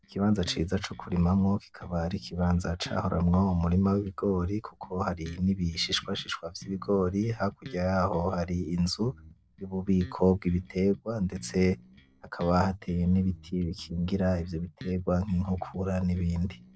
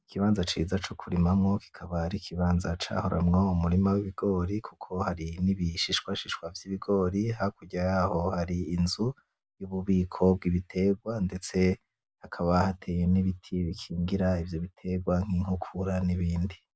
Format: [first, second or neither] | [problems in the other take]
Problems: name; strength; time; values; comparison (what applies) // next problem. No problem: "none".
second | noise reduction (neural separator model SepFormer DNS4)